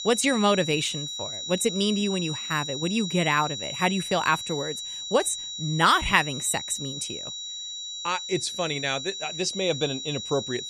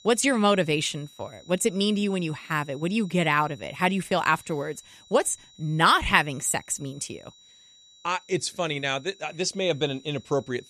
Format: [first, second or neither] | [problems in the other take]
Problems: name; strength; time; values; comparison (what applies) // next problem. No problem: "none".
second | high-pitched whine; loud; throughout; 4 kHz, 6 dB below the speech; faint in the second